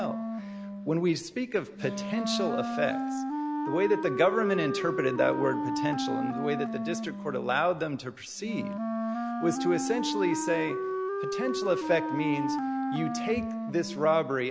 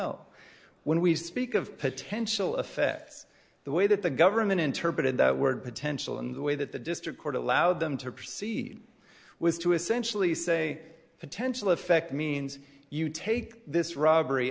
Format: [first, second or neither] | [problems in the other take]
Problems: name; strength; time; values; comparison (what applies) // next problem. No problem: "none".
second | background sound (Wind instrument, woodwind instrument); 2 dB below the speech